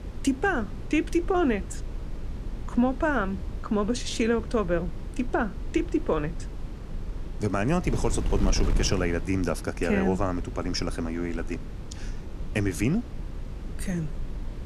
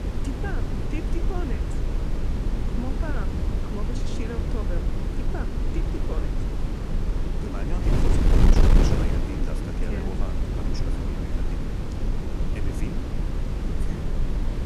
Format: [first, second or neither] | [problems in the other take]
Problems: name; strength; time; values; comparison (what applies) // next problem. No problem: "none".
first | wind noise on the microphone; heavy; 4 dB above the speech; occasional gusts in the first